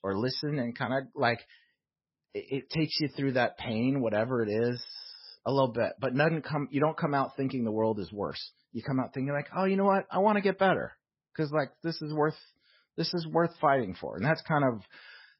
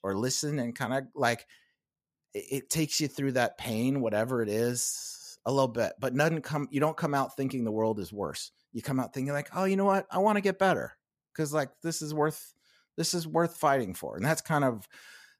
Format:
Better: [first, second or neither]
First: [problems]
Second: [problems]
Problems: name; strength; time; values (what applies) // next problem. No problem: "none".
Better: second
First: garbled, watery; badly; nothing above 5.5 kHz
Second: none